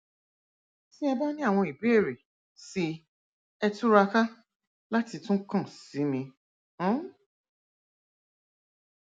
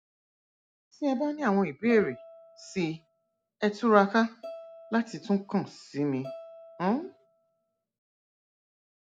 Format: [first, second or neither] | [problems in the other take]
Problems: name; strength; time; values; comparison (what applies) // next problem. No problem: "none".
first | background sound (Bowed string instrument); 18 dB below the speech